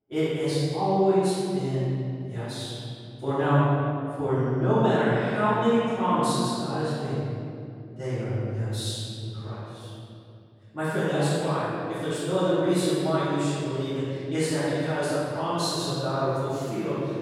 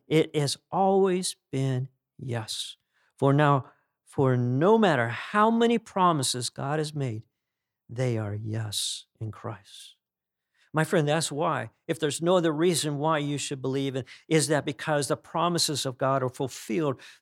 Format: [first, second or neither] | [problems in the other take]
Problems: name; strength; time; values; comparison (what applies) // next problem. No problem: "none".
second | off-mic speech; far // room echo; strong; dies away in 2.6 s